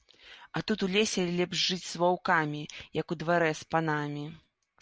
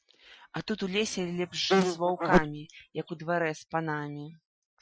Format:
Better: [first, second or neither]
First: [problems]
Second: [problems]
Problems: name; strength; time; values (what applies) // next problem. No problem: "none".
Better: first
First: none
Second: noise reduction (classical method Wiener filter)